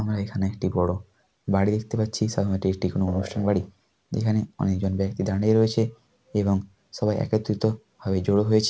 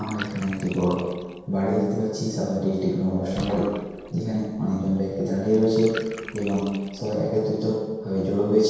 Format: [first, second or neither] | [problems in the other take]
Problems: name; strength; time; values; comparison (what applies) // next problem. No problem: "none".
first | background sound (Bathtub (filling or washing) / Water); 18 dB below the speech // room echo; dies away in 1.2 s